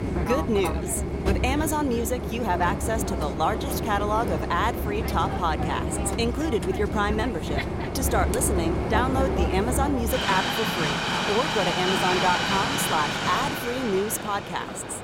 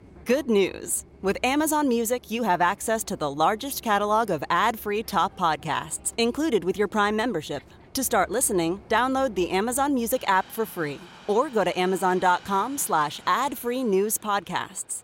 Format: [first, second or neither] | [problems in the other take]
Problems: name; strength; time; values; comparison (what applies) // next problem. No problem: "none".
second | train or aircraft noise; loud; throughout; as loud as the speech; faint in the second